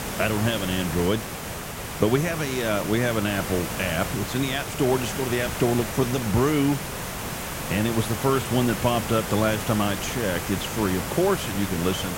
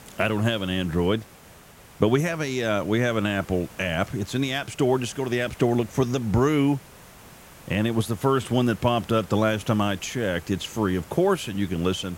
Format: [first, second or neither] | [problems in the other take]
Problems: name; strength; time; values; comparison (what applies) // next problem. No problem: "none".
second | hiss; loud; throughout; 5 dB below the speech; faint in the second